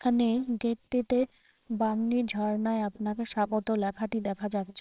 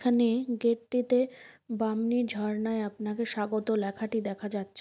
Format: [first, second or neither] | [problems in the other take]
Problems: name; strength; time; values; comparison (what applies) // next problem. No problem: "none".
second | noise reduction (neural separator model SepFormer WHAMR!)